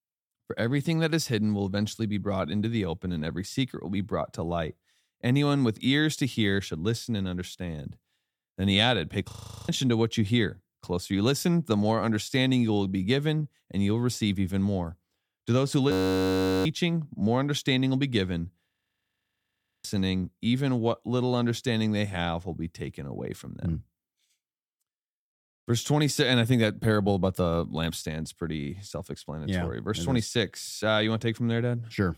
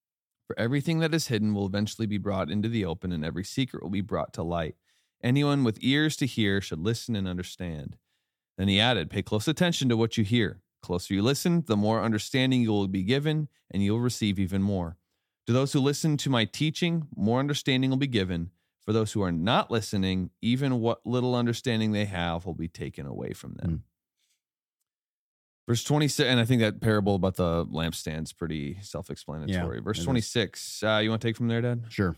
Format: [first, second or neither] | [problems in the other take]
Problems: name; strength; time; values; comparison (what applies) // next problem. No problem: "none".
second | audio freezing; at 9.5 s, at 16 s for 0.5 s and at 19 s for 1 s